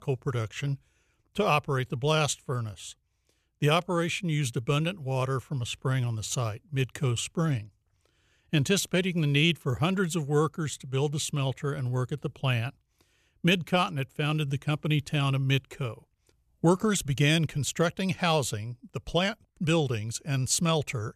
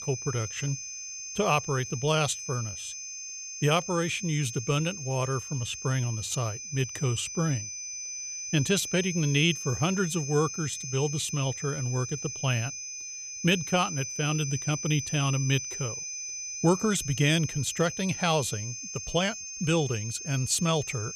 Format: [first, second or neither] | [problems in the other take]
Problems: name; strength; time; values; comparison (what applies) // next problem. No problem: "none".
first | high-pitched whine; loud; throughout; 6 kHz, 7 dB below the speech